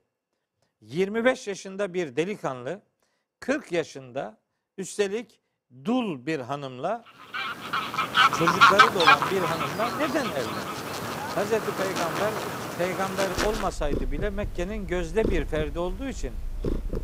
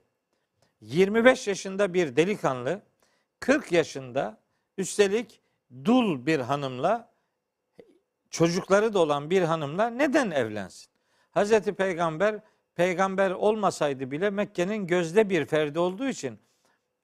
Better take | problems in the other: second | animal sounds; very loud; from 7.5 s on; 5 dB above the speech

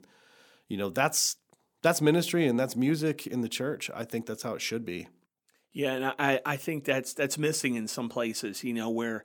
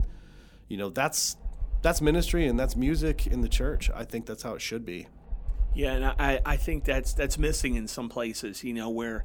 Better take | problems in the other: first | low rumble; faint; throughout; 25 dB below the speech

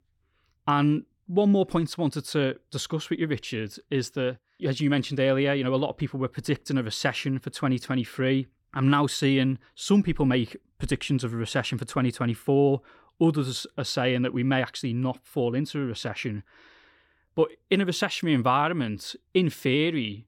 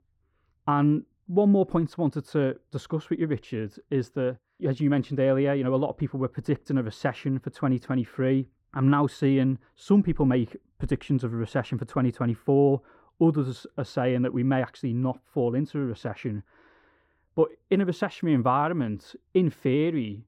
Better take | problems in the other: first | muffled; slightly; fading above 2 kHz

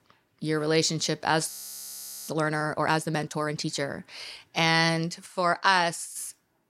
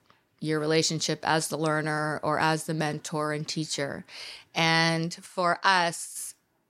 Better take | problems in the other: second | audio freezing; at 1.5 s for 1 s

